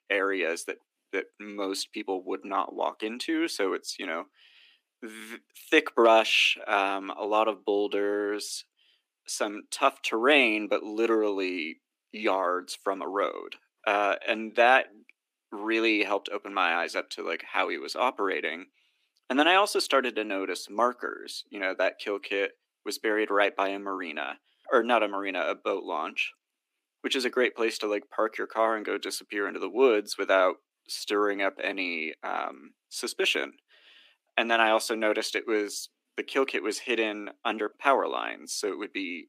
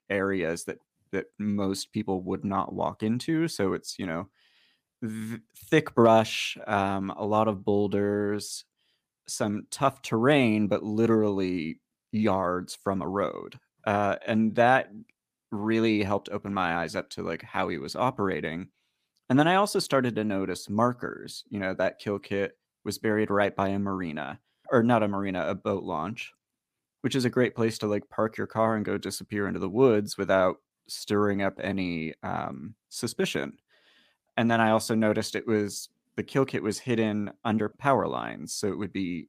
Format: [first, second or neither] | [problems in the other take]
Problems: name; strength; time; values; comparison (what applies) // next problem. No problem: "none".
second | thin; somewhat; fading below 300 Hz